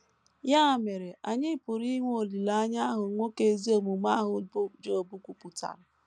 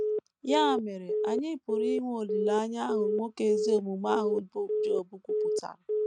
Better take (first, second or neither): first